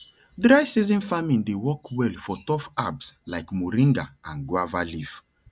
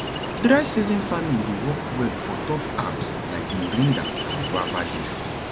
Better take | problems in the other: first | background sound (Ocean); 3 dB below the speech

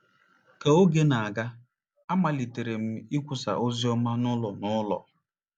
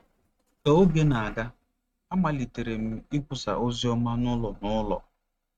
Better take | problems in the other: first | noise reduction (neural mask model RNNoise)

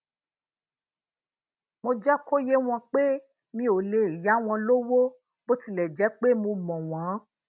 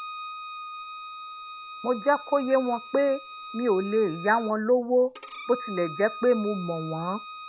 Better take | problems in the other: first | background sound (Bowed string instrument); 13 dB below the speech

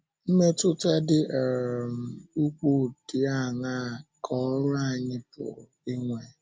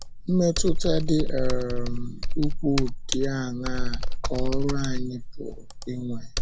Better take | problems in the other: first | background sound (Computer keyboard); 4 dB above the speech

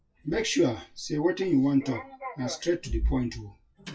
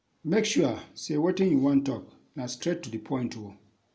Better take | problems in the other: second | noise reduction (classical method WPE with log-MMSE)

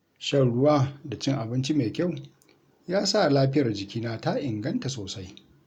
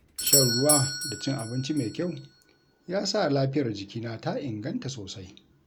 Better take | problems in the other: first | background sound (Doorbell); 3 dB below the speech

